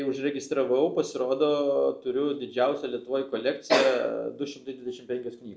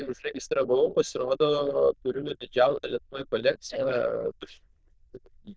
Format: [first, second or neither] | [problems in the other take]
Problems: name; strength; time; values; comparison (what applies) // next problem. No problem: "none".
first | noise reduction (neural diffusion model UNIVERSE++)